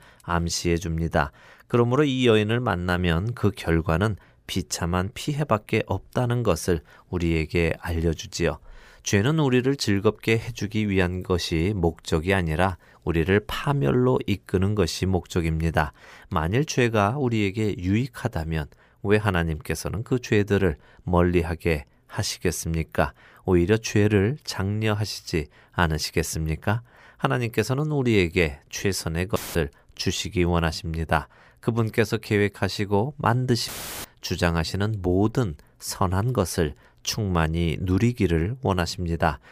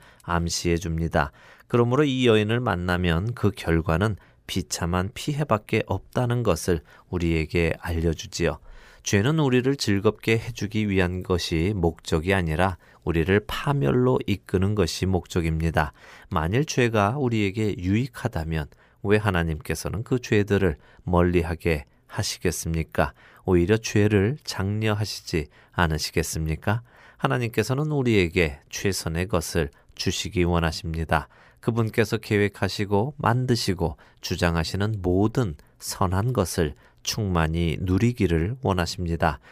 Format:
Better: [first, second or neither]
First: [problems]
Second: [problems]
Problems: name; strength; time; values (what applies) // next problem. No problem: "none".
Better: second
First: audio cutting out; filled with static; at 29 s and at 34 s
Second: none